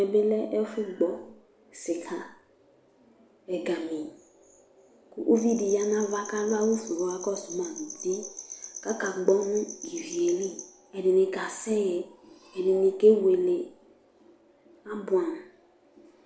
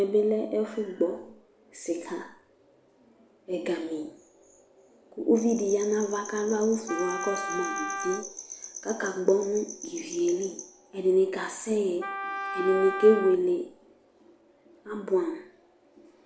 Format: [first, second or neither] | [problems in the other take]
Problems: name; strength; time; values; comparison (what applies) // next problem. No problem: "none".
first | background sound (Wind instrument, woodwind instrument); 7 dB below the speech